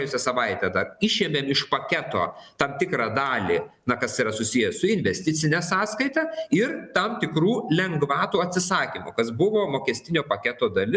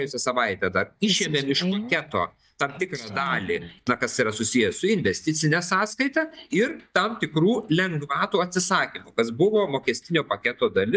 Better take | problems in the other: first | noise reduction (neural mask model DeepFilterNet 3)

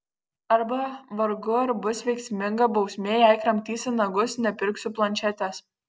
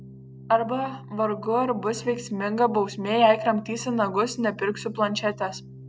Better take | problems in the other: first | background sound (Organ); 17 dB below the speech

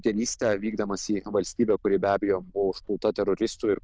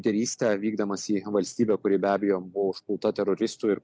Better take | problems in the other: second | noise reduction (neural diffusion model UNIVERSE++)

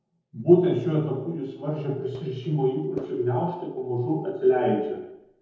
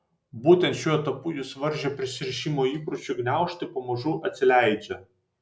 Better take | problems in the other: second | noise reduction (neural separator model SepFormer DNS4)

